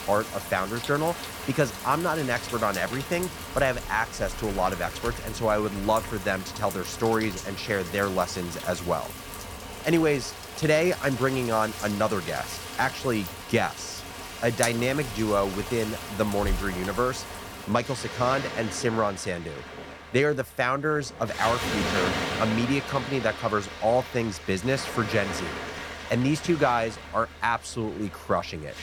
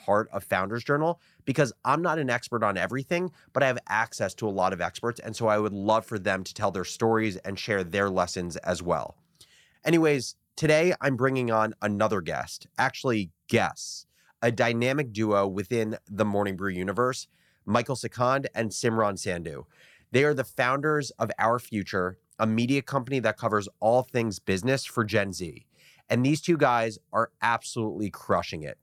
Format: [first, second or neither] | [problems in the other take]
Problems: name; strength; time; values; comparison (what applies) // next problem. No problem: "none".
second | rain or running water; loud; throughout; 8 dB below the speech